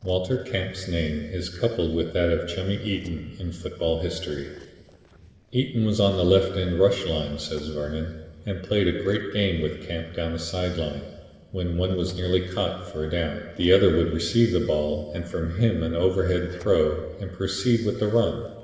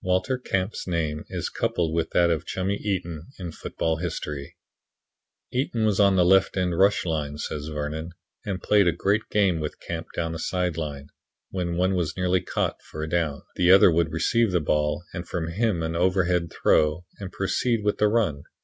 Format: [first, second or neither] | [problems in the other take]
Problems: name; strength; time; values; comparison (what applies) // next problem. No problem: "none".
second | noise reduction (neural separator model SepFormer DNS4)